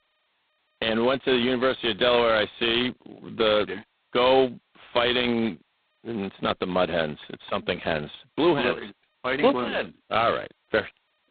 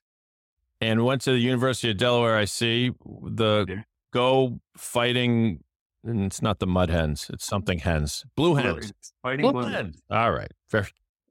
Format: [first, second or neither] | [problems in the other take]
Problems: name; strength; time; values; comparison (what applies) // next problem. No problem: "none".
second | phone-call audio; poor line; nothing above 4 kHz